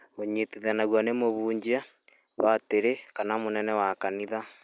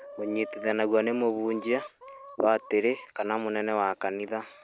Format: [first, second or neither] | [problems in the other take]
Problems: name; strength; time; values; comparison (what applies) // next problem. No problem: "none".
first | background sound (Chicken, rooster); 17 dB below the speech